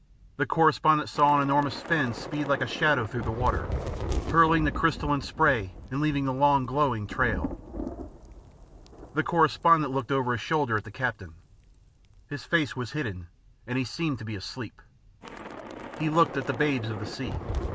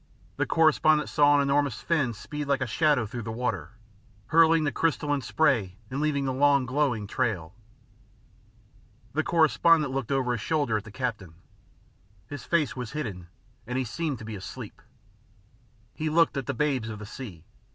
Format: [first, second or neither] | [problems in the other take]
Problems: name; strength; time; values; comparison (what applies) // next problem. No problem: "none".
second | background sound (Thunder / Rain); 10 dB below the speech